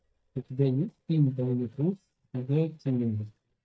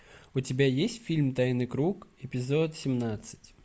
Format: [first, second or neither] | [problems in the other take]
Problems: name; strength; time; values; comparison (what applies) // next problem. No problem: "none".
second | noise reduction (neural mask model DeepFilterNet 3)